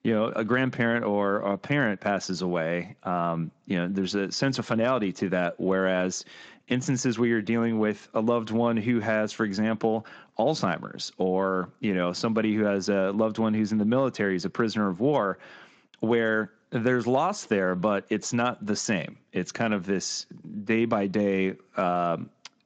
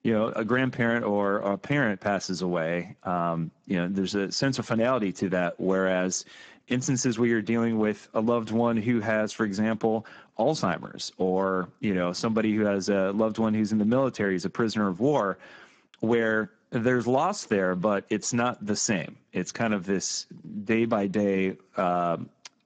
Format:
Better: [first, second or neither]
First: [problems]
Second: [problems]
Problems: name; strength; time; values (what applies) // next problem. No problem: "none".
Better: first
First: garbled, watery; slightly; nothing above 7.5 kHz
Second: garbled, watery; badly; nothing above 7.5 kHz